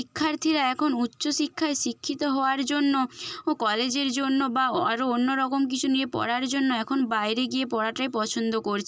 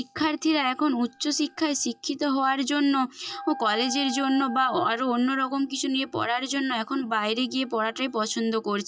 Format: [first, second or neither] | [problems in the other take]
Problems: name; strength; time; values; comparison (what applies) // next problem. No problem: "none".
first | noise reduction (classical method log-MMSE)